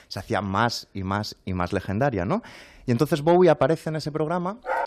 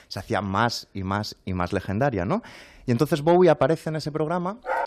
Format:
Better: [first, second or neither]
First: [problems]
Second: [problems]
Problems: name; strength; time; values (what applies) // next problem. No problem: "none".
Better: neither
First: dog barking; noticeable; at 4.5 s; peak 4 dB below the speech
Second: dog barking; noticeable; at 4.5 s; peak 4 dB below the speech